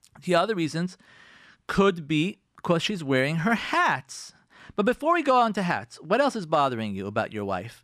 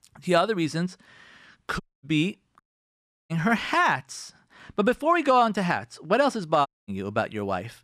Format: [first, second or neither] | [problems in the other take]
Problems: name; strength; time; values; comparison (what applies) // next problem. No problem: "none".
first | audio cutting out; at 2 s, at 2.5 s for 0.5 s and at 6.5 s